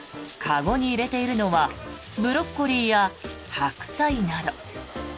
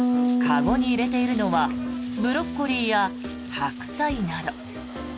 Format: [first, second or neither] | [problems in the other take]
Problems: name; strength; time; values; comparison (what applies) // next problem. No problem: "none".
first | background sound (Bass guitar); as loud as the speech